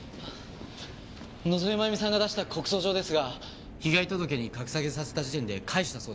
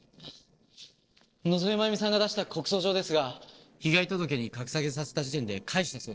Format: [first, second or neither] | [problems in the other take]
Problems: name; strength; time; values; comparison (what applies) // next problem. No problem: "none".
first | noise reduction (neural separator model SepFormer DNS4)